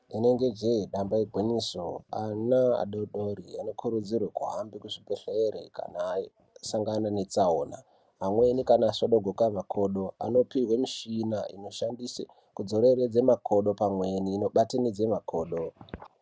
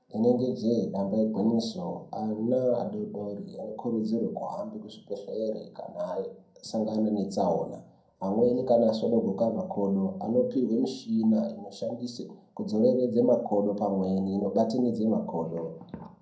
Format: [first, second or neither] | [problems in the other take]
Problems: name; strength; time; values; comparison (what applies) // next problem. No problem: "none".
first | room echo; dies away in 0.6 s